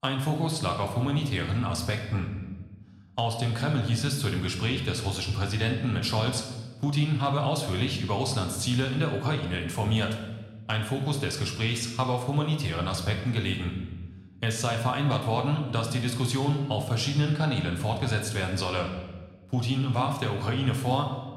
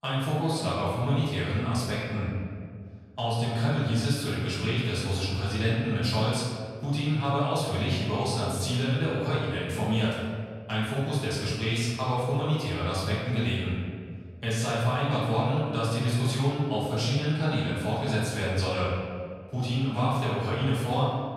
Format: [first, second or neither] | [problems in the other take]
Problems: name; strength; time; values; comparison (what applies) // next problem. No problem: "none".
first | room echo; strong; dies away in 1.8 s; slight in the first // off-mic speech; far